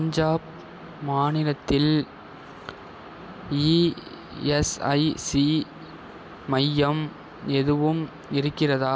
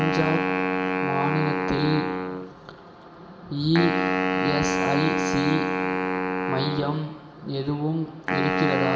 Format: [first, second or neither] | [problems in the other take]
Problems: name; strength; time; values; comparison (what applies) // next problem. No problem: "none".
first | background sound (Wind instrument, woodwind instrument); 2 dB above the speech // room echo; dies away in 1.6 s